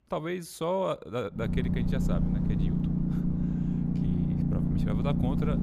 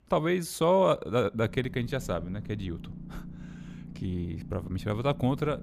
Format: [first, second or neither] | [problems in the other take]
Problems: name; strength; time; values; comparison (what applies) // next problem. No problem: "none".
second | low rumble; loud; from 1.5 s on; 3 dB below the speech; faint in the second